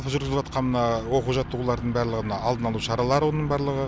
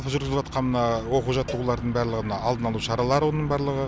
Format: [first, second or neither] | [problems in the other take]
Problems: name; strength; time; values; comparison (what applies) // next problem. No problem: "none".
first | background sound (Cowbell); 19 dB below the speech